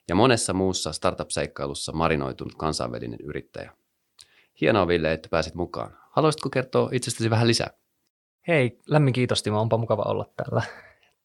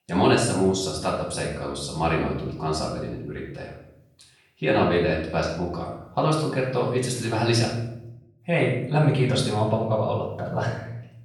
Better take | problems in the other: first | room echo; noticeable; dies away in 0.7 s // off-mic speech; far

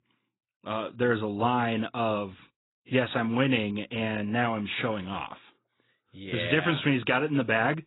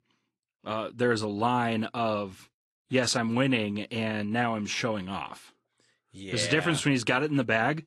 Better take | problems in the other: second | garbled, watery; badly; nothing above 4 kHz; slightly in the second

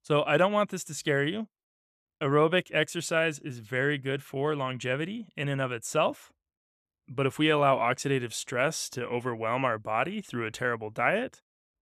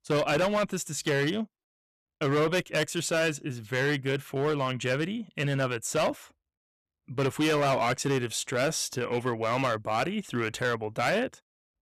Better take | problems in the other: first | distortion; heavy; 10% of the sound clipped

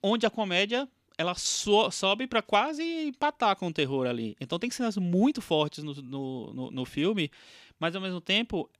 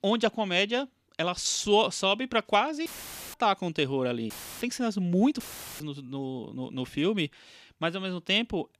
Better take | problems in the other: first | audio cutting out; filled with static; at 3 s, at 4.5 s and at 5.5 s

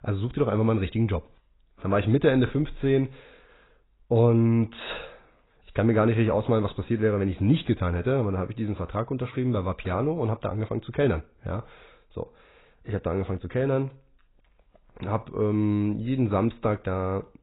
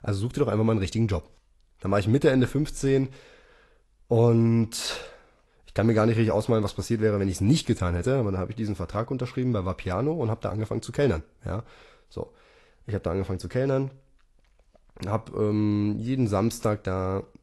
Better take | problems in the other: second | garbled, watery; badly; nothing above 4 kHz; slightly in the second

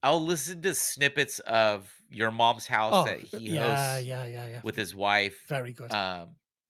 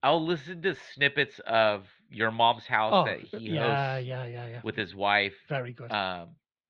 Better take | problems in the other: first | muffled; slightly; fading above 3.5 kHz

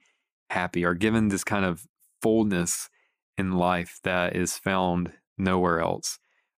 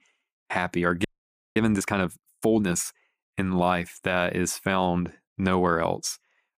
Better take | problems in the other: first | audio freezing; at 1 s for 0.5 s

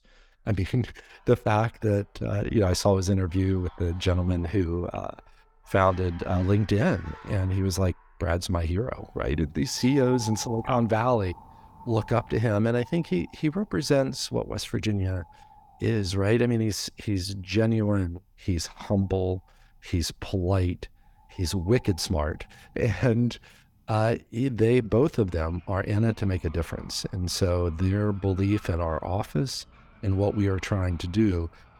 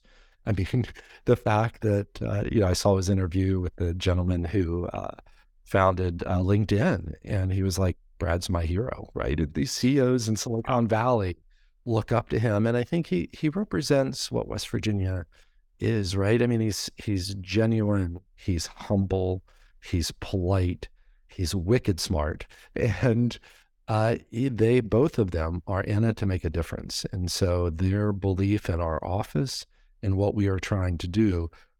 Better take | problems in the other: second | animal sounds; faint; throughout; 25 dB below the speech

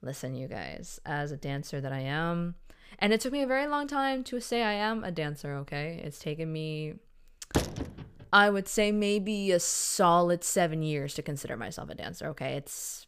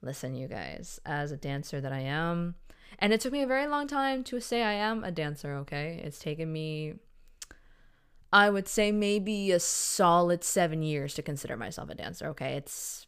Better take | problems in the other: second | door banging; noticeable; at 7.5 s; peak 2 dB below the speech

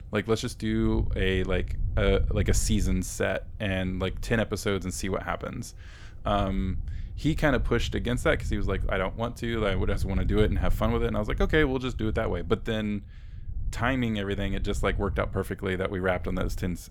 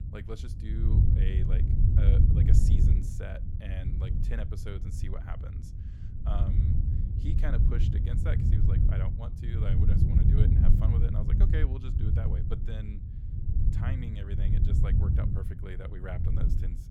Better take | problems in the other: first | wind noise on the microphone; heavy; 2 dB above the speech; occasional gusts in the first

